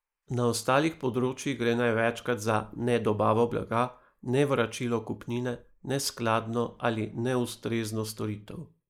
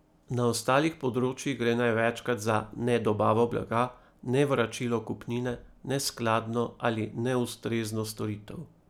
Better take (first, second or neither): second